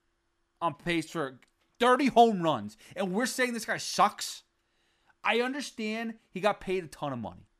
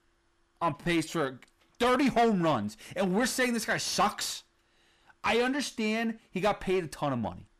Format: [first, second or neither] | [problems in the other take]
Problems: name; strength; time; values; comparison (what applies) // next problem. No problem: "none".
first | distortion; heavy; 6 dB below the speech